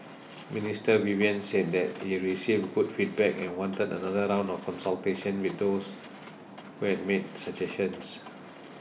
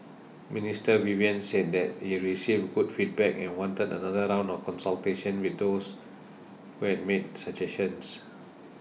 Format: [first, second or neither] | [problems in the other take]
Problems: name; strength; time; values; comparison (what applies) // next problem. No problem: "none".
second | background sound (Mechanisms); 20 dB below the speech